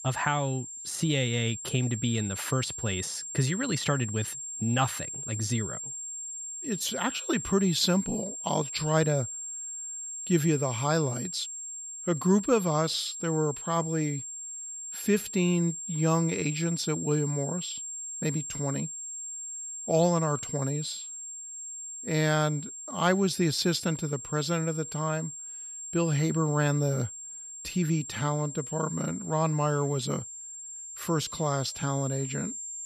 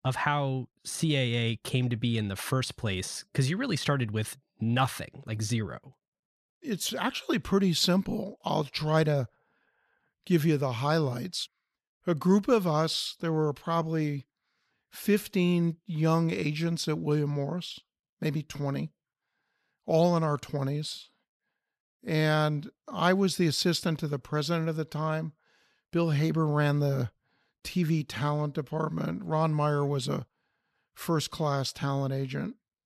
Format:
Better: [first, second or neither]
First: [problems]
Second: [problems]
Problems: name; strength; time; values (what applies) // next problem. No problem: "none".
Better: second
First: high-pitched whine; loud; throughout; 7.5 kHz, 7 dB below the speech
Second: none